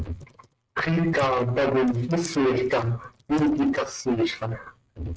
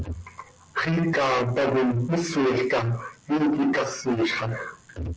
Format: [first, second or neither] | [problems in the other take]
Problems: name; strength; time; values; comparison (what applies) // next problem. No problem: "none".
second | noise reduction (neural mask model RNNoise)